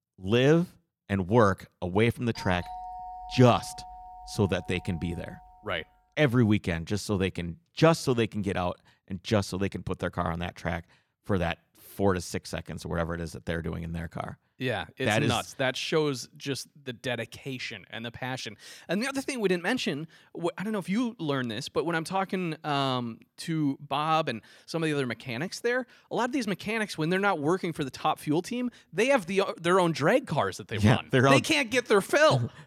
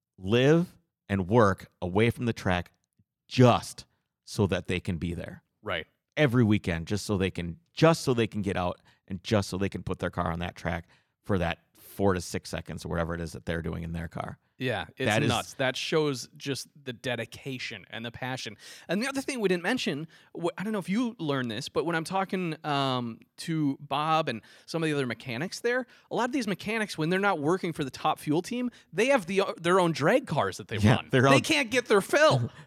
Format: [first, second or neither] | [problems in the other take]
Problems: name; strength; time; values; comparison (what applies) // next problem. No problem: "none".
second | doorbell; faint; from 2.5 to 6 s; peak 10 dB below the speech